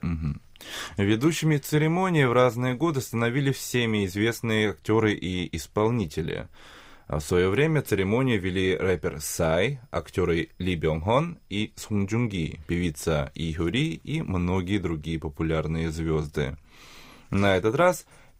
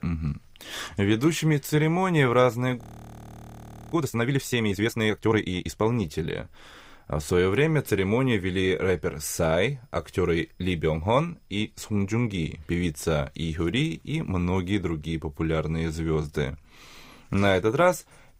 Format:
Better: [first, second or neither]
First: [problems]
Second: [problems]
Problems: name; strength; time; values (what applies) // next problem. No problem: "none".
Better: first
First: none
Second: audio freezing; at 3 s for 1 s